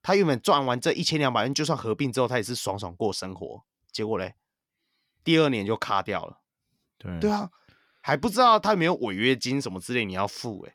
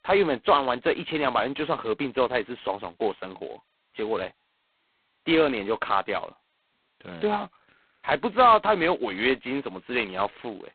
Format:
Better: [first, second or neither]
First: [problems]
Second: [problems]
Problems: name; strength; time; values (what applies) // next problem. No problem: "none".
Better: first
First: none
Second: phone-call audio; poor line; nothing above 4 kHz